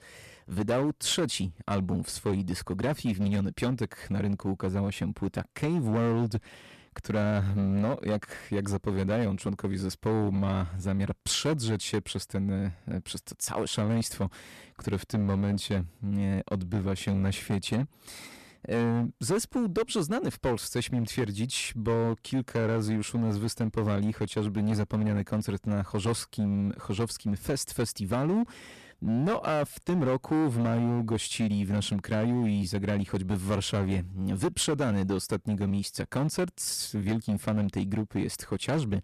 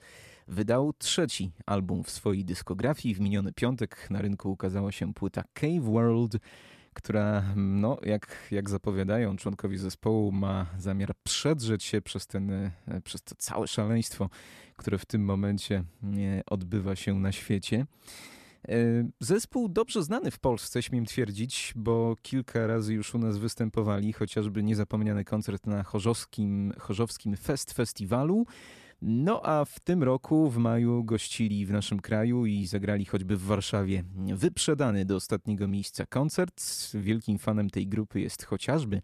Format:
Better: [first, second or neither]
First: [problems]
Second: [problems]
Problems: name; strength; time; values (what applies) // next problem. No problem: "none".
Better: second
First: distortion; slight; 10% of the sound clipped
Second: none